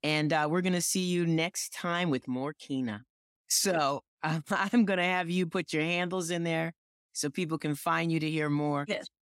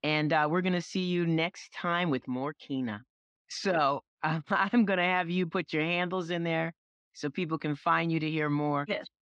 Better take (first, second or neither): first